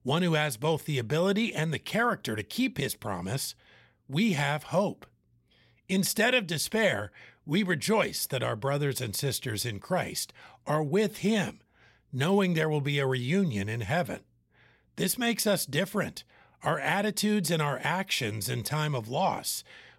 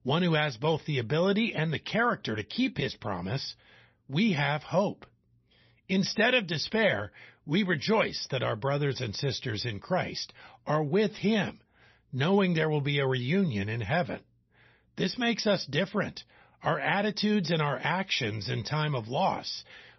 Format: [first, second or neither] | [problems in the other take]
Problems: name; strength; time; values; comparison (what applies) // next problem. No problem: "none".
first | garbled, watery; slightly; nothing above 6 kHz